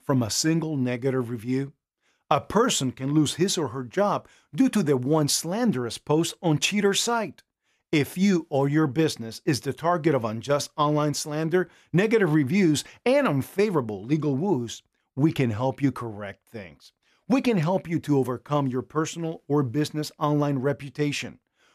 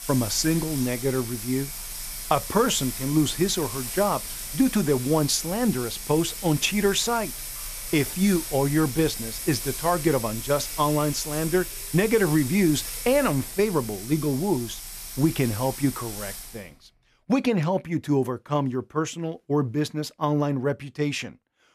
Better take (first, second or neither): first